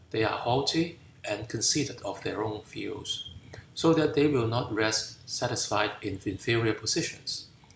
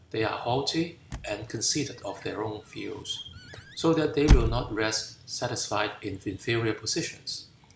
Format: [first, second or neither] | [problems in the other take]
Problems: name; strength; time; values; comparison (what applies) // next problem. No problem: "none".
first | background sound (Squeak / Slam / Wood); 1 dB above the speech